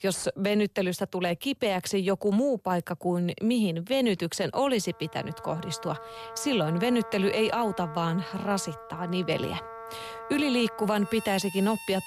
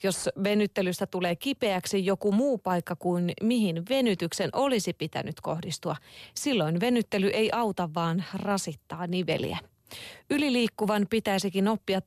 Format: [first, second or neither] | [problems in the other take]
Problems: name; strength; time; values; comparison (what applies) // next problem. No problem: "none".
second | background music; noticeable; from 5.5 s on; 15 dB below the speech